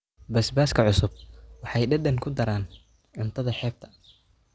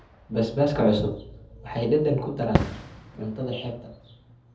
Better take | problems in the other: first | background sound (Fireworks); 8 dB below the speech // room echo; dies away in 0.7 s

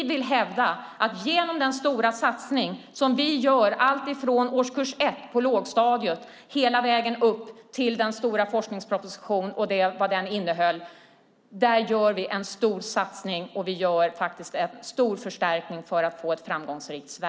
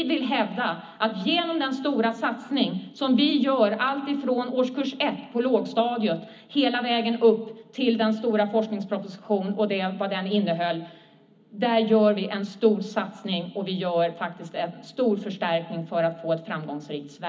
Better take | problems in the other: first | room echo; dies away in 0.4 s

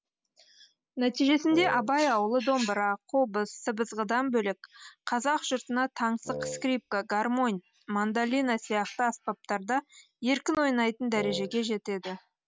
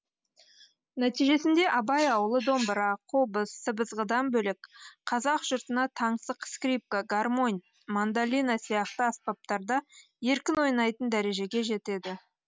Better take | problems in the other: second | background sound (Wind instrument, woodwind instrument); 9 dB below the speech

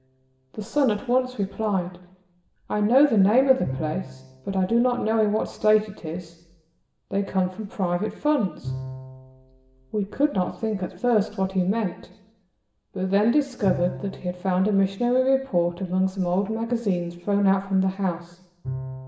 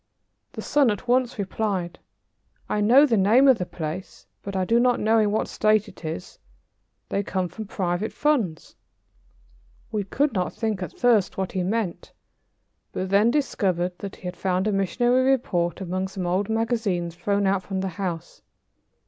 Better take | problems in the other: second | background sound (Bowed string instrument); 16 dB below the speech // room echo; dies away in 0.8 s

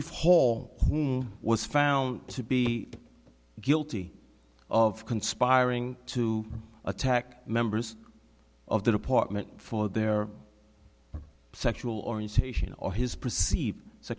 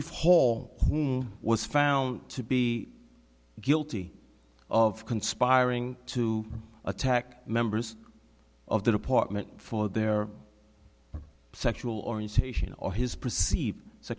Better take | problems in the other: second | background sound (Walk, footsteps / Run / Wood); 16 dB below the speech

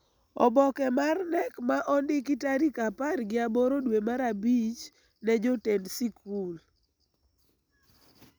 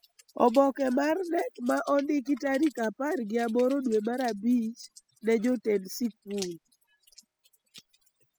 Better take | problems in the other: first | noise reduction (classical method spectral subtraction)

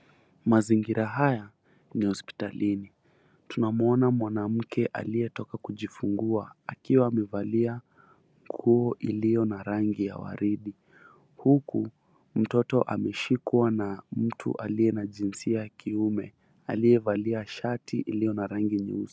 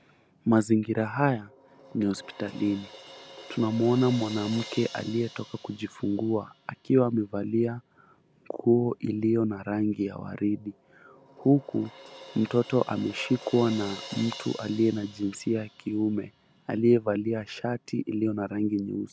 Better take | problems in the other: first | background sound (Crash cymbal); 20 dB below the speech

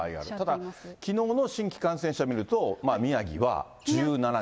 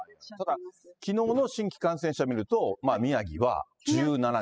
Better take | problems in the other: first | noise reduction (classical method spectral subtraction)

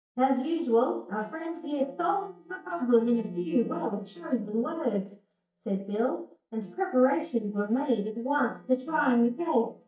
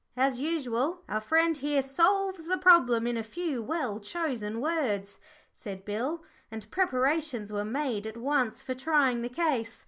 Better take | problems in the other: second | noise reduction (neural mask model DeepFilterNet 3)

